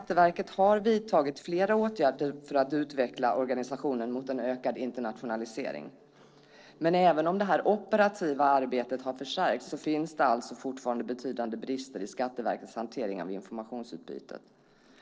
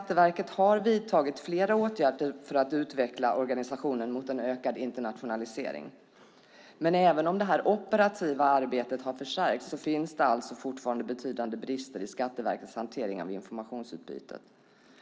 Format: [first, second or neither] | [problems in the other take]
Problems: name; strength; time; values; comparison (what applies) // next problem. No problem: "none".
second | noise reduction (neural separator model SepFormer DNS4)